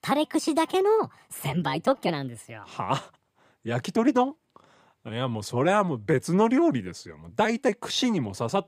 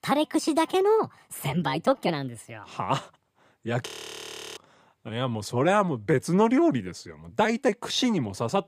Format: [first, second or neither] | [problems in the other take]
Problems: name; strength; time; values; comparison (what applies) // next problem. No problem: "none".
first | audio freezing; at 4 s for 0.5 s